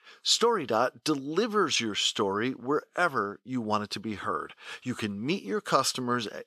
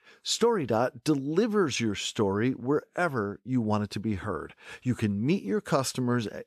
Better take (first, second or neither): second